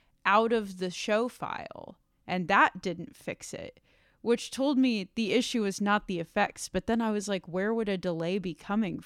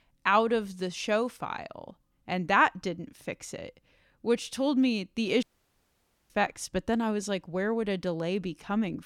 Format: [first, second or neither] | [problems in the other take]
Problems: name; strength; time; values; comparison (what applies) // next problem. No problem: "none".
first | audio cutting out; at 5.5 s for 1 s